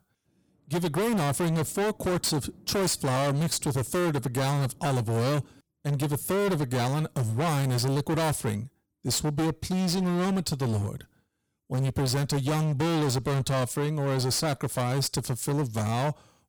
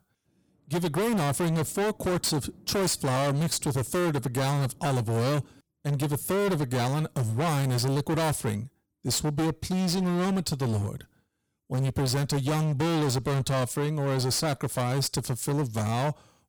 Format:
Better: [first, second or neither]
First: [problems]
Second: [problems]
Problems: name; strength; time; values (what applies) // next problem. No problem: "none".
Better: neither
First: distortion; heavy; 29% of the sound clipped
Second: distortion; heavy; 29% of the sound clipped